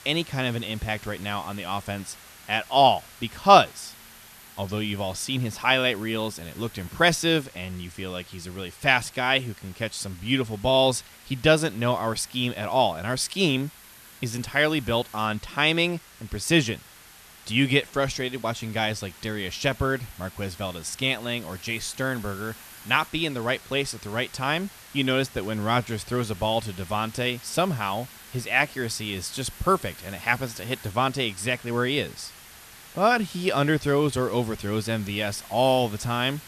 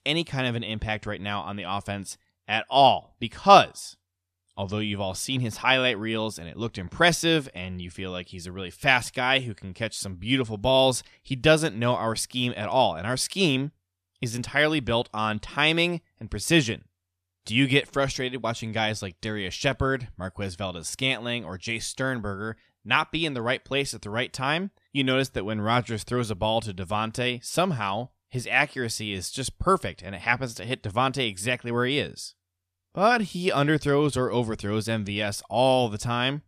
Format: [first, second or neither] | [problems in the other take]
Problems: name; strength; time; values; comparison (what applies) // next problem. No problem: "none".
second | hiss; noticeable; throughout; 20 dB below the speech